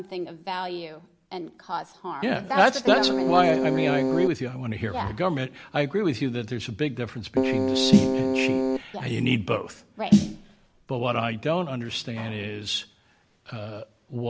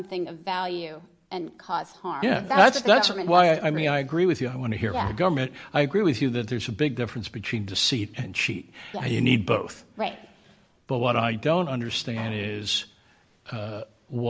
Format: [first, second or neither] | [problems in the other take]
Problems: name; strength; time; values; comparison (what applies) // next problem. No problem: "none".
second | background sound (Snare drum + Keyboard (musical)); 3 dB above the speech